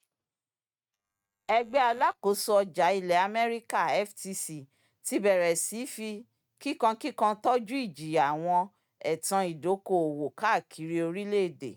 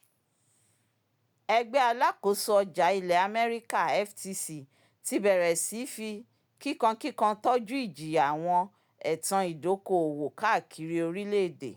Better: second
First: noise reduction (neural mask model RNNoise)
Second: none

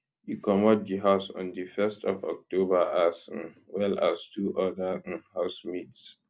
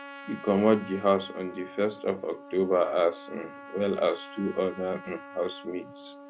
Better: first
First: none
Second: background sound (Trumpet); 16 dB below the speech

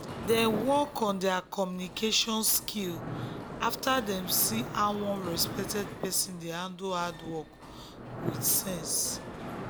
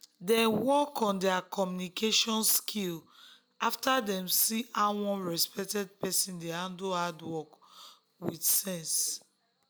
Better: second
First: background sound (Mechanisms); 9 dB below the speech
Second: none

